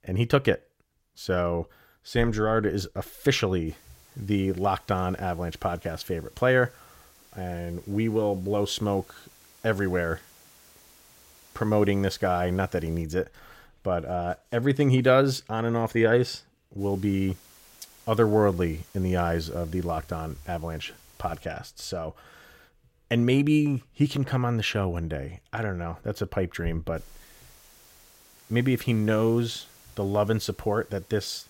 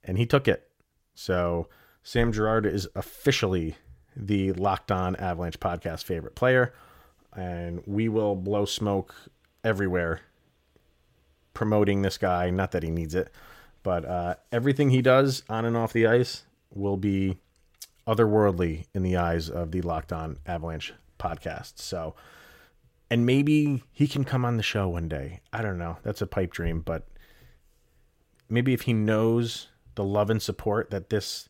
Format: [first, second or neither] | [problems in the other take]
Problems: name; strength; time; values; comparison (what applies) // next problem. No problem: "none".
second | hiss; faint; from 3.5 to 13 s, from 17 to 21 s and from 27 s on; 25 dB below the speech